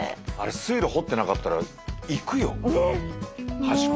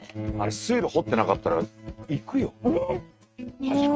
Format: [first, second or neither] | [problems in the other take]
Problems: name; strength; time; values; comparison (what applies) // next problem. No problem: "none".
first | noise reduction (neural mask model RNNoise)